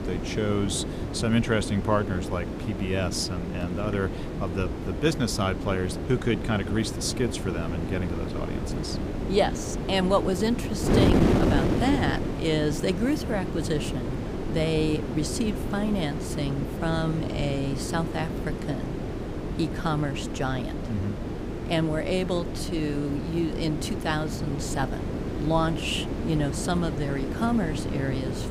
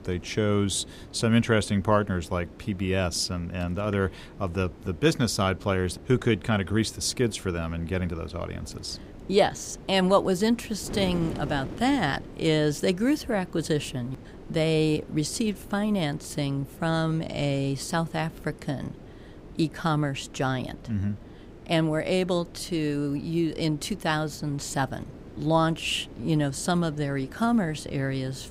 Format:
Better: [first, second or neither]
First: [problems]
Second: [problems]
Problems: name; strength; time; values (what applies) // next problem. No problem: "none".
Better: second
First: wind noise on the microphone; heavy; 4 dB below the speech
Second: wind noise on the microphone; occasional gusts; 20 dB below the speech